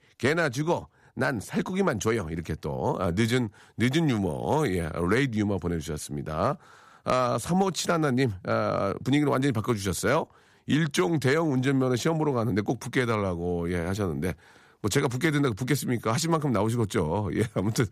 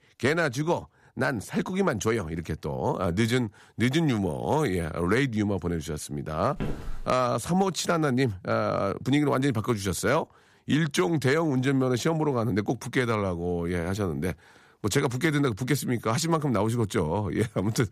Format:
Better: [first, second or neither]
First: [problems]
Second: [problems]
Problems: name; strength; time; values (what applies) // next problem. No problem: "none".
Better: first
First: none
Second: footsteps; noticeable; at 6.5 s; peak 8 dB below the speech